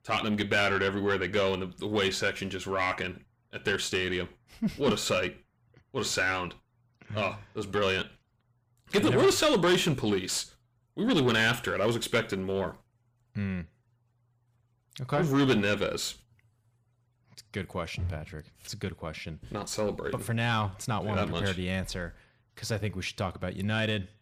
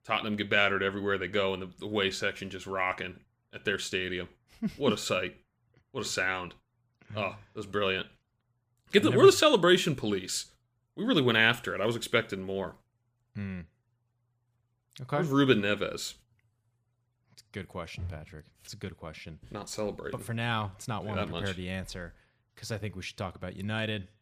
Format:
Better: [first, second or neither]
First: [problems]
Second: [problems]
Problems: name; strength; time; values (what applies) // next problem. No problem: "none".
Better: second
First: distortion; heavy; 7 dB below the speech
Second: none